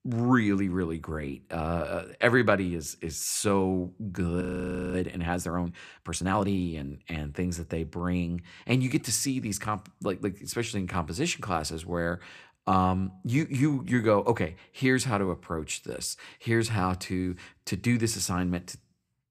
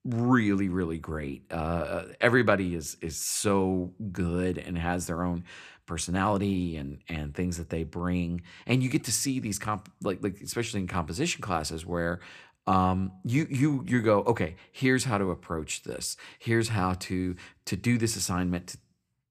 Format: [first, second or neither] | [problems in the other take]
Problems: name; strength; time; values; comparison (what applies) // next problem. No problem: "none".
second | audio freezing; at 4.5 s for 0.5 s